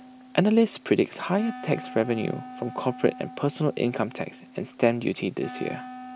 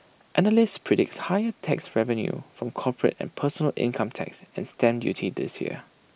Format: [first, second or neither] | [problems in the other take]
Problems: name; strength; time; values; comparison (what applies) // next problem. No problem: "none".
second | background sound (Wind instrument, woodwind instrument); 16 dB below the speech